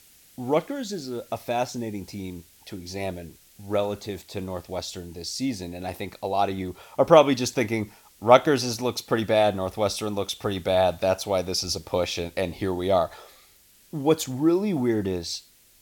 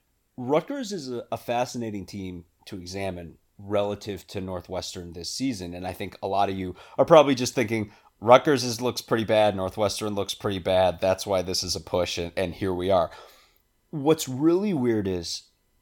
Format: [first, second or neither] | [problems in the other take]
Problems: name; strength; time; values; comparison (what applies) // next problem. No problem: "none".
second | hiss; faint; throughout; 30 dB below the speech